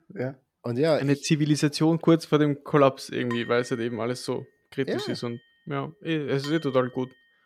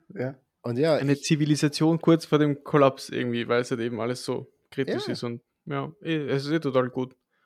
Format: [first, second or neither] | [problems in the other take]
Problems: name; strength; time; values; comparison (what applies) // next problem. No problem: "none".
second | clattering dishes; faint; from 3.5 to 6.5 s; peak 15 dB below the speech